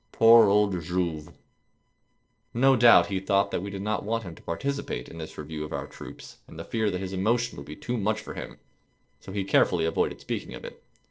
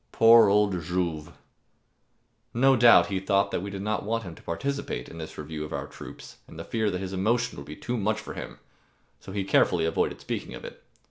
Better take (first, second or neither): second